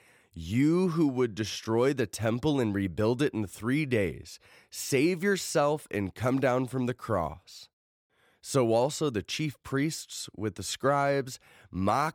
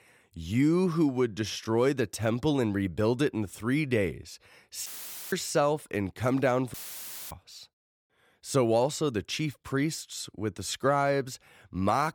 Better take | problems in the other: first | audio cutting out; filled with static; at 5 s and at 6.5 s for 0.5 s

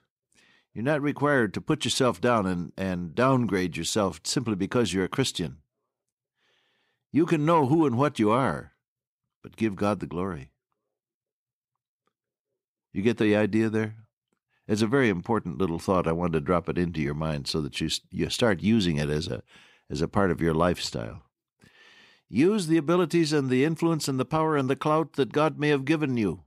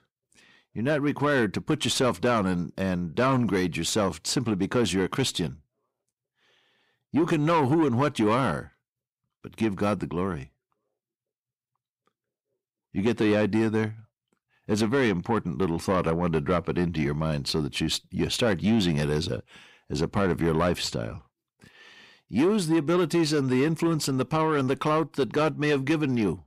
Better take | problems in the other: first | distortion; slight; 10 dB below the speech

